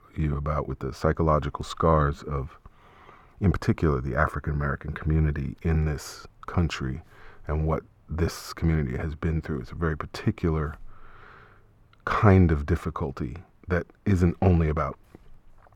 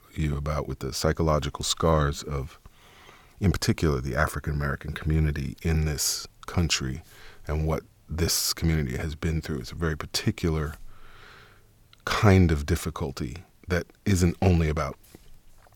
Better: second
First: muffled; very; fading above 3 kHz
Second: none

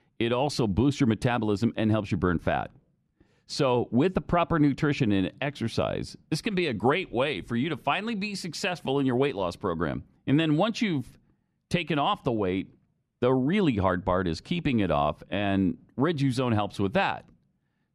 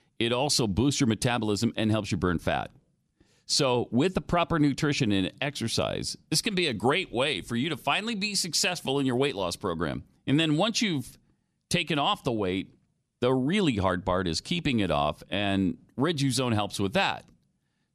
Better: second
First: muffled; slightly; fading above 3.5 kHz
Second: none

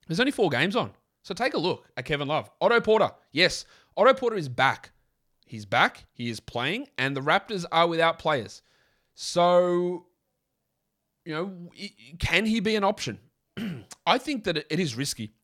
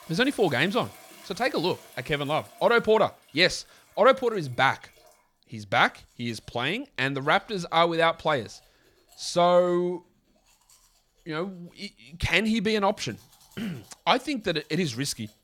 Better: first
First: none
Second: household noises; faint; throughout; 25 dB below the speech

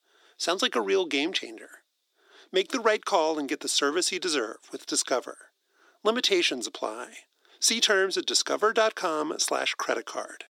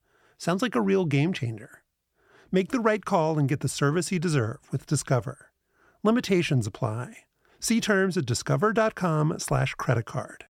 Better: second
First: thin; somewhat; fading below 300 Hz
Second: none

